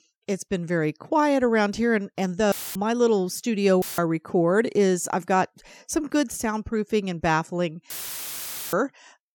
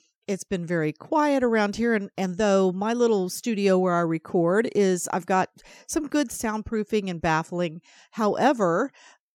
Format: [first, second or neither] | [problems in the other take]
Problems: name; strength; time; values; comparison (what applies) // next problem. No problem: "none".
second | audio cutting out; filled with static; at 2.5 s, at 4 s and at 8 s for 1 s